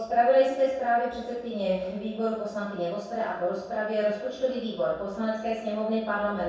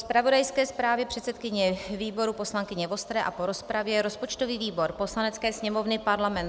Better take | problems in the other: second | room echo; dies away in 0.7 s

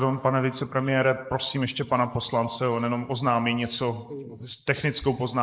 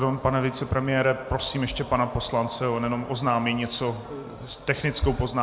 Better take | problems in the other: second | noise reduction (neural mask model Resemble Enhance denoiser)

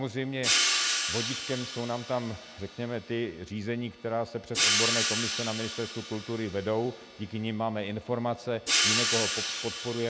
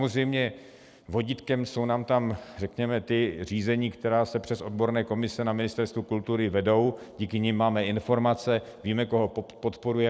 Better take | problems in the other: second | background sound (Hi-hat); 1 dB above the speech

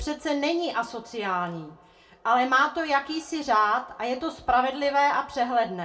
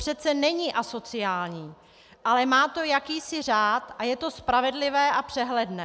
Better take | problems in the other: second | room echo; dies away in 0.2 s

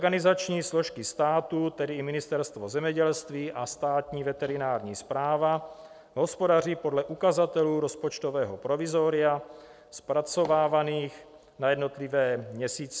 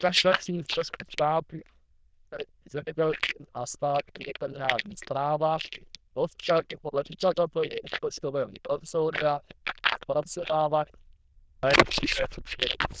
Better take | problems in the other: first | noise reduction (neural diffusion model UNIVERSE++)

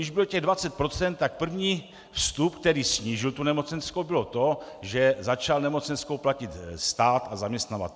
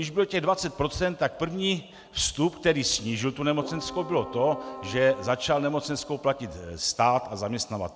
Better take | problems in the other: first | background sound (Keyboard (musical)); 14 dB below the speech

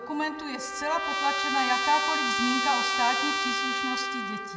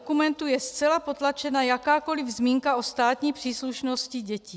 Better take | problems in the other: second | background sound (Trumpet); 1 dB above the speech // room echo; dies away in 1.4 s

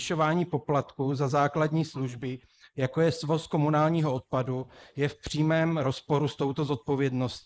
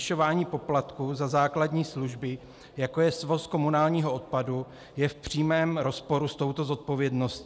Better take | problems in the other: second | noise reduction (neural mask model Resemble Enhance denoiser)

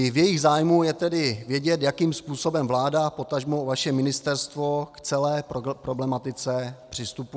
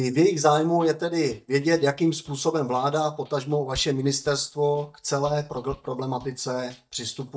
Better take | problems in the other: first | noise reduction (neural mask model DeepFilterNet 3)

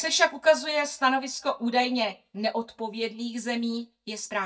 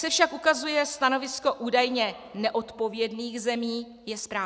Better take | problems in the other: second | noise reduction (neural mask model DeepFilterNet 3)

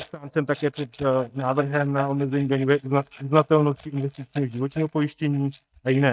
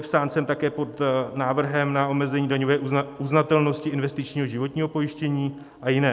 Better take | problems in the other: second | noise reduction (neural mask model DeepFilterNet 3)

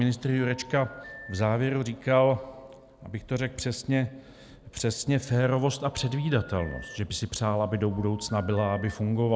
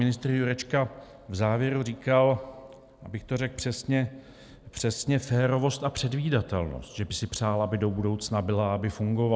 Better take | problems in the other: second | background sound (Telephone); 19 dB below the speech

